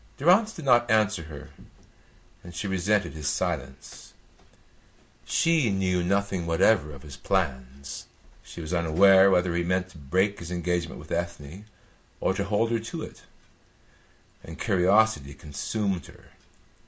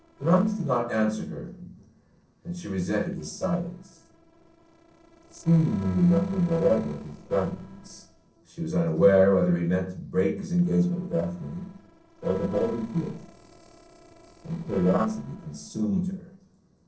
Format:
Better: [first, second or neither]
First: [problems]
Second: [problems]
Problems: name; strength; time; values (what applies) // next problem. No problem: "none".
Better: first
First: none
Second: noise reduction (neural separator model SepFormer DNS4)